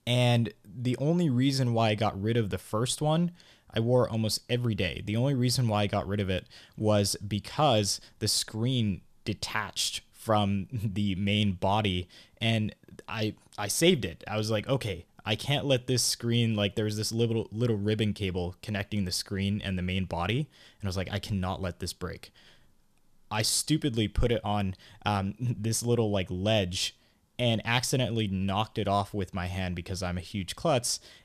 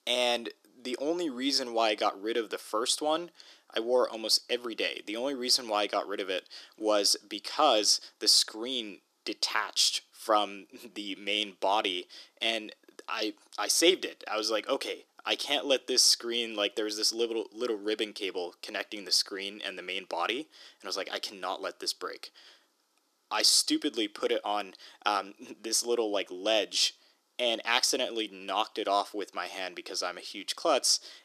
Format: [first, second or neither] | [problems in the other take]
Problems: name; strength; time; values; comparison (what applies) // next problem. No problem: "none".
first | thin; very; fading below 300 Hz